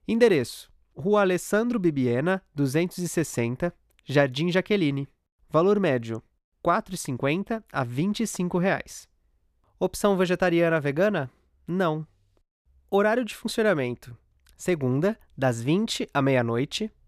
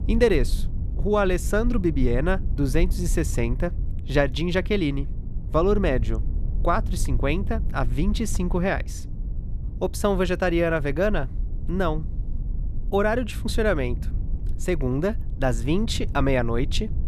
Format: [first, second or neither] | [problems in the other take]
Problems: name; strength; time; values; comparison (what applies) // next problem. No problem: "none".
first | low rumble; faint; throughout; 20 dB below the speech